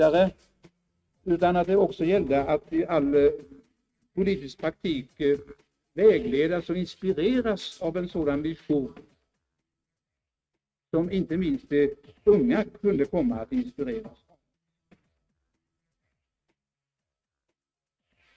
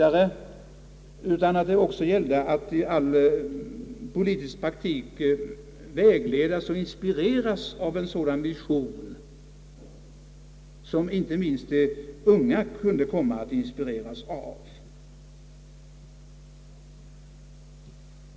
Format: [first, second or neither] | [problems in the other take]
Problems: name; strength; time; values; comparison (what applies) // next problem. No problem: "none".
second | noise reduction (neural mask model RNNoise)